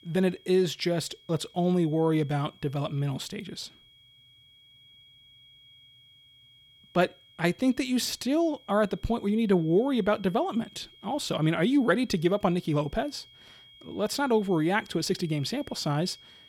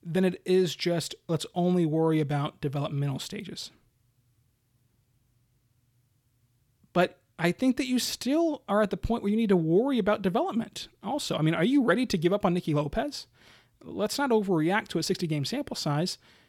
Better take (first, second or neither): second